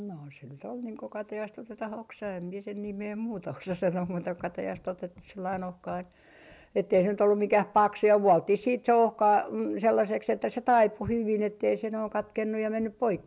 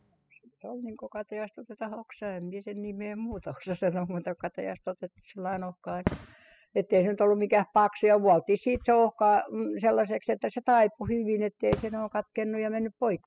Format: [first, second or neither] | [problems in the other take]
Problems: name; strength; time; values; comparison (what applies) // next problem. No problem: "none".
first | noise reduction (classical method spectral subtraction)